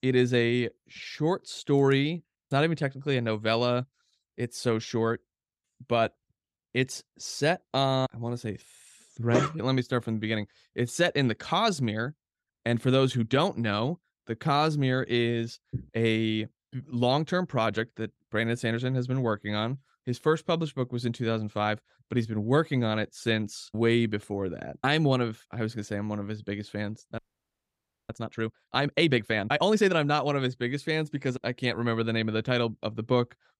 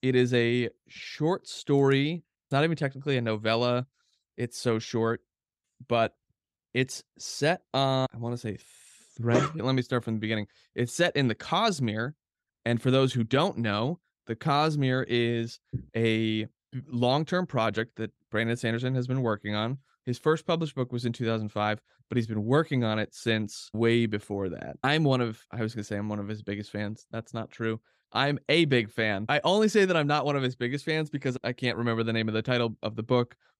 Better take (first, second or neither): second